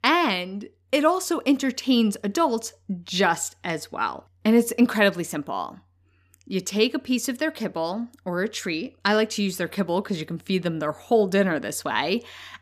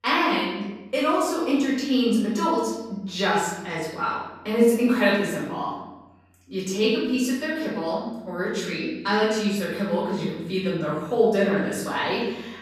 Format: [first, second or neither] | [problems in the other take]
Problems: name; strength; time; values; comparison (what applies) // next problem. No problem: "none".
first | room echo; noticeable; dies away in 0.9 s // off-mic speech; far